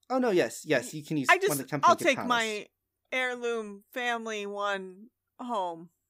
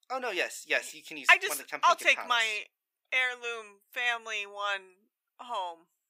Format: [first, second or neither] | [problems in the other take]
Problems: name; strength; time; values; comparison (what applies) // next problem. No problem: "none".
first | thin; very; fading below 700 Hz